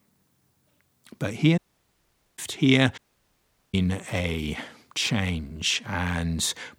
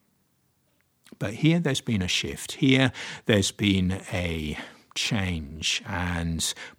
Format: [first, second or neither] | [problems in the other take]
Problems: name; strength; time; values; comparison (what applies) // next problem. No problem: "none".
second | audio cutting out; at 1.5 s for 1 s and at 3 s for 1 s